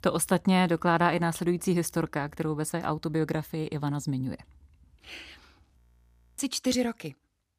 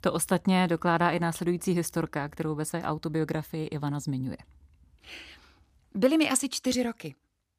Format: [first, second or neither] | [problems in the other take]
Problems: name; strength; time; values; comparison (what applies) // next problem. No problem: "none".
second | audio freezing; at 6 s for 0.5 s